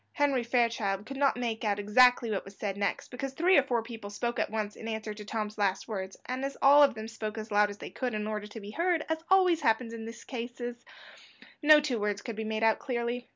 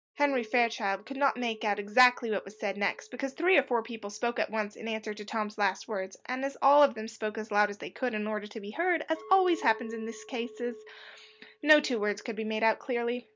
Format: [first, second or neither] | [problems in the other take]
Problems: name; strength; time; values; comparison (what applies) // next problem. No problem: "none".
first | noise reduction (neural mask model DeepFilterNet 3)